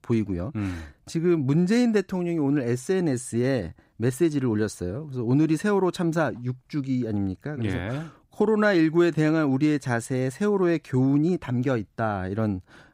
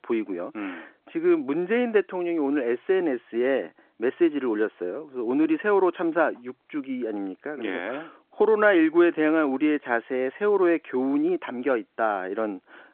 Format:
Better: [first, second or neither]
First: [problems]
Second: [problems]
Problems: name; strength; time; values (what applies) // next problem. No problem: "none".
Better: first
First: none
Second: phone-call audio